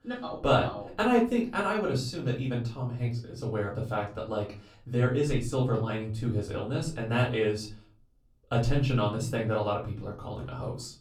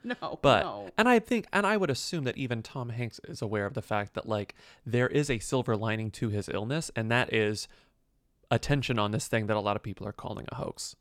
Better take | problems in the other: second | off-mic speech; far // room echo; slight; dies away in 0.4 s

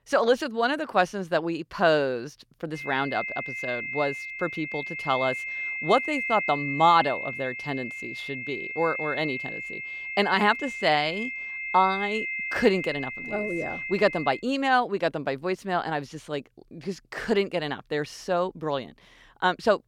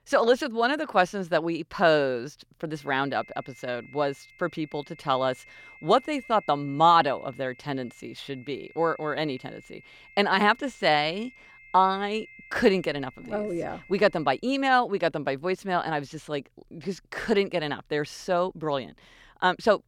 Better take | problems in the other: second | high-pitched whine; loud; from 3 to 14 s; 2 kHz, 5 dB below the speech; faint in the second

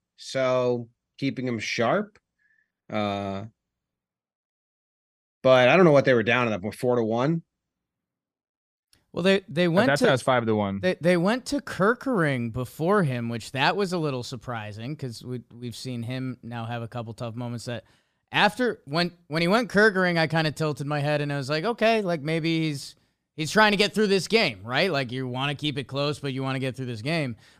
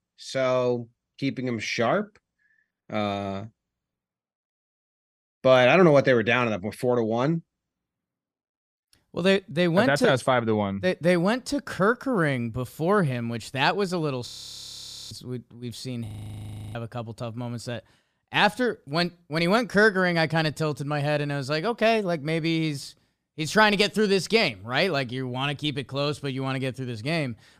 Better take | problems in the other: first | audio freezing; at 14 s for 1 s and at 16 s for 0.5 s

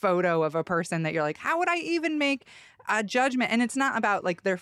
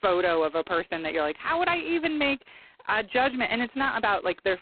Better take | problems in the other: first | phone-call audio; poor line; nothing above 4 kHz

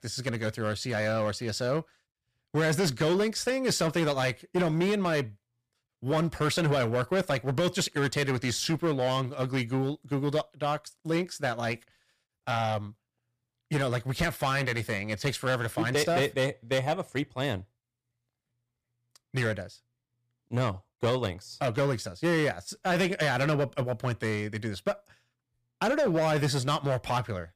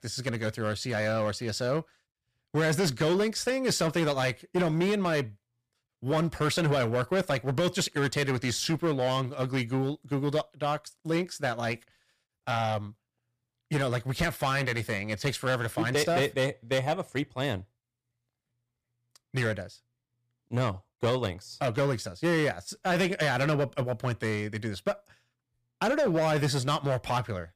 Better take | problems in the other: neither | distortion; slight; 8% of the sound clipped; the same in both

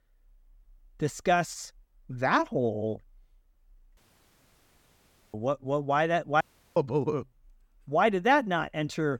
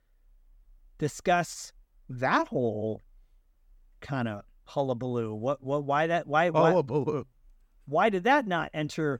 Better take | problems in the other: second | audio cutting out; at 4 s for 1.5 s and at 6.5 s

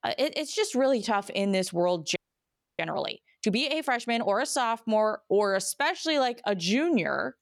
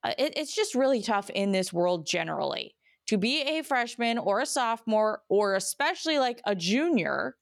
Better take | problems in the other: second | audio freezing; at 2 s for 0.5 s

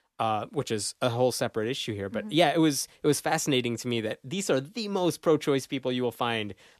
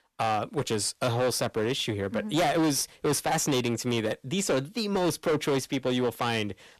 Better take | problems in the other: first | distortion; heavy; 15% of the sound clipped

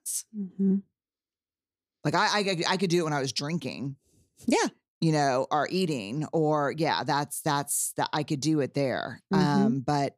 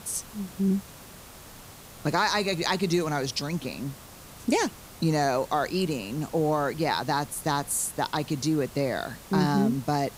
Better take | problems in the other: first | hiss; noticeable; throughout; 20 dB below the speech

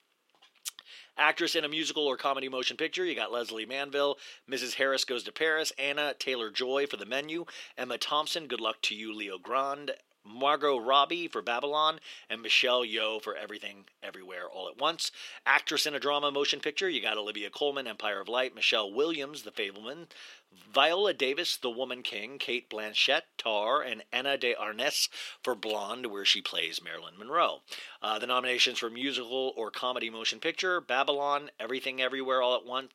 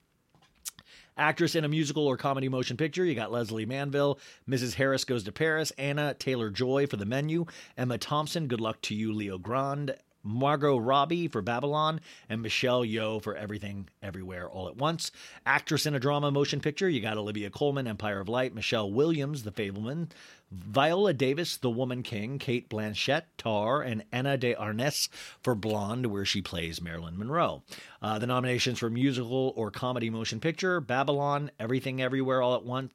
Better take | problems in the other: second | thin; somewhat; fading below 350 Hz

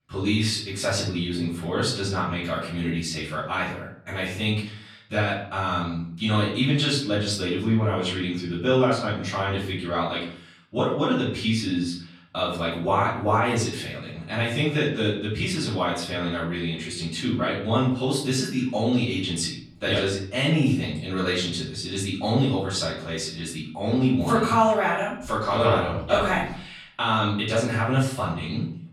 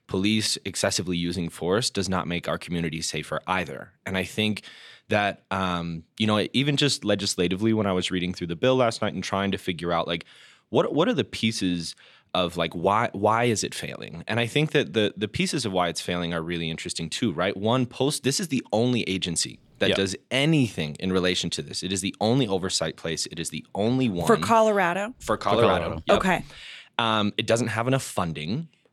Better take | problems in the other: second | room echo; noticeable; dies away in 0.5 s // off-mic speech; far

